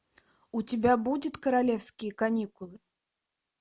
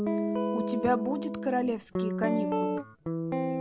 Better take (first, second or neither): first